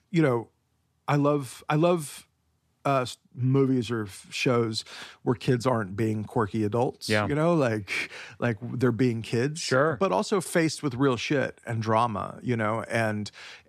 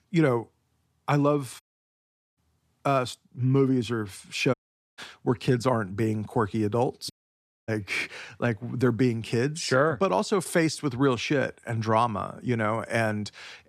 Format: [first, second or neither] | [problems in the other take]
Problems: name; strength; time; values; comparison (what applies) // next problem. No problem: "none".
first | audio cutting out; at 1.5 s for 1 s, at 4.5 s and at 7 s for 0.5 s